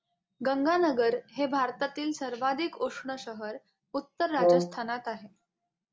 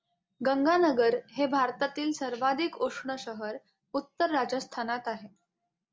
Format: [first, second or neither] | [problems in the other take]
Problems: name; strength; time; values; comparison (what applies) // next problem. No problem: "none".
second | background sound (Brass instrument); 3 dB above the speech